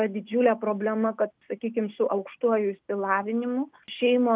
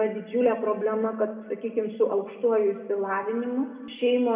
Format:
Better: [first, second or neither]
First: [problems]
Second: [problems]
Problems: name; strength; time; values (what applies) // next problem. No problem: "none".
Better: first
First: none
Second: room echo; dies away in 1.7 s